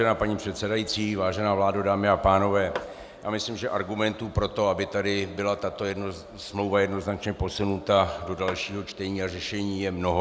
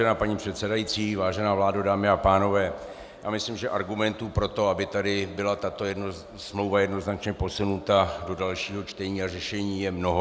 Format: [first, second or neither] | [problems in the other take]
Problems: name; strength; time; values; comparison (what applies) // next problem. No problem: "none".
second | background sound (Tap / Hammer); 15 dB below the speech